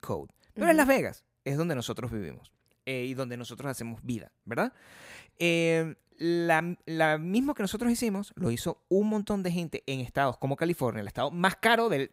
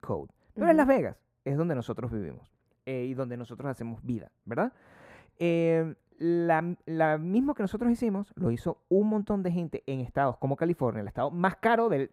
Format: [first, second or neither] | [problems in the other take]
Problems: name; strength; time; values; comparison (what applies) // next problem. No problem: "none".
first | muffled; very; fading above 2 kHz